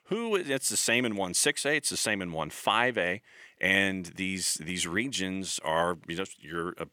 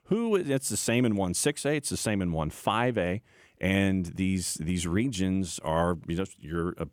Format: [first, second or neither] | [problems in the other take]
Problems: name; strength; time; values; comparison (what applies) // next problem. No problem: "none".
second | thin; somewhat; fading below 1 kHz